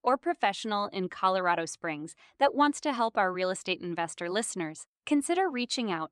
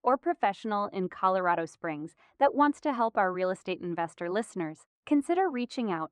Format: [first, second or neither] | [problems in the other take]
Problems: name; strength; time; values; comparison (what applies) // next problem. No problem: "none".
first | muffled; slightly; fading above 2.5 kHz